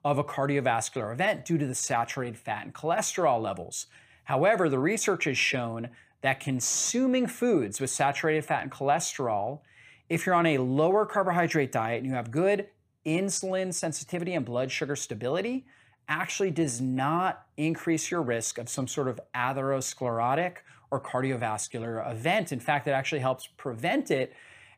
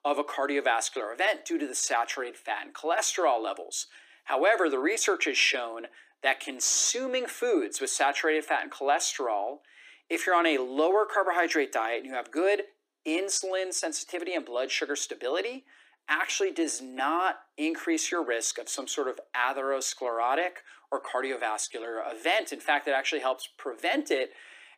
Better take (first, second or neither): first